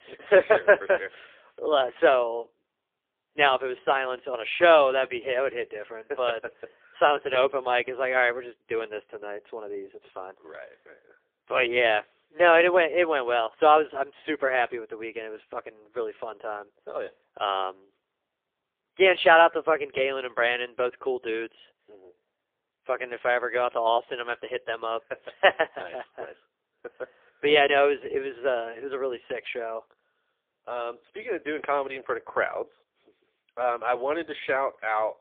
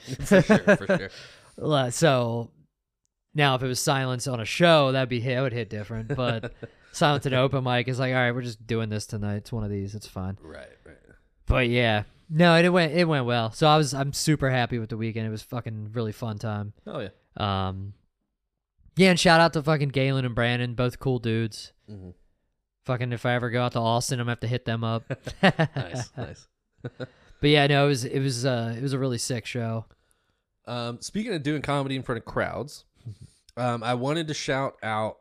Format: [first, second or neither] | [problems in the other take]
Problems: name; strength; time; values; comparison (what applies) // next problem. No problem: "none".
second | phone-call audio; poor line; nothing above 3.5 kHz